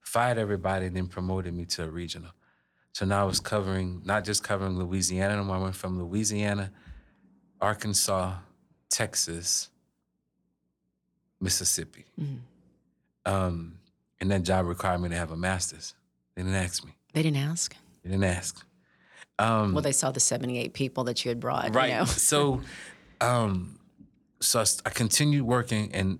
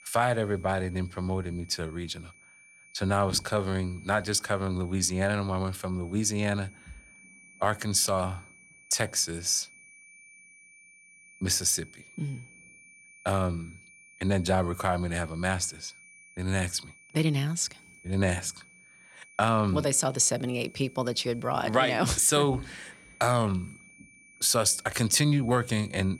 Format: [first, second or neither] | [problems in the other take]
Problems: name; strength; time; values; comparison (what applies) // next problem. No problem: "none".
first | high-pitched whine; faint; throughout; 2.5 kHz, 25 dB below the speech